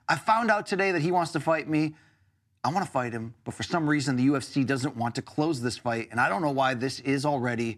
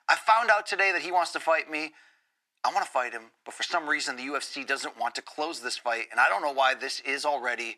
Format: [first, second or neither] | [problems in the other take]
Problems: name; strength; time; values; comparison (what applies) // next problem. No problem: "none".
first | thin; very; fading below 550 Hz